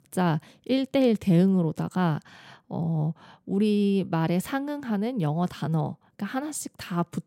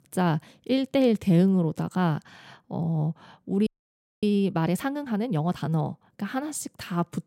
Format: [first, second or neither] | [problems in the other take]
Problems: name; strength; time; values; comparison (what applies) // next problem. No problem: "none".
first | audio freezing; at 3.5 s for 0.5 s